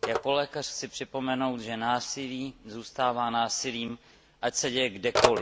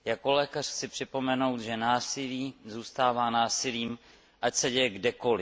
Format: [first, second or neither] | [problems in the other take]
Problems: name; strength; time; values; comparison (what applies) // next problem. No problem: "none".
second | background sound (Telephone); 5 dB below the speech